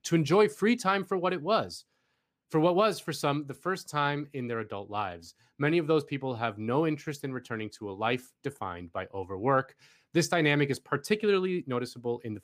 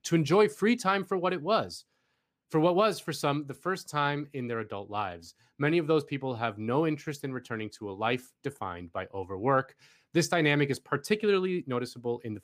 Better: neither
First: none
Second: none

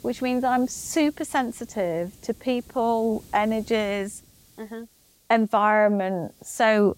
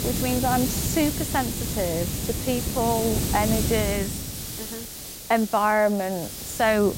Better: first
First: hiss; faint; throughout; 25 dB below the speech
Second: hiss; loud; throughout; 3 dB below the speech

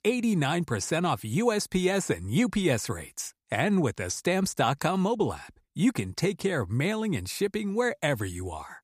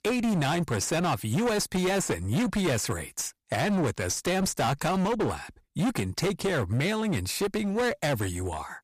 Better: first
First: none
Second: distortion; heavy; 26% of the sound clipped

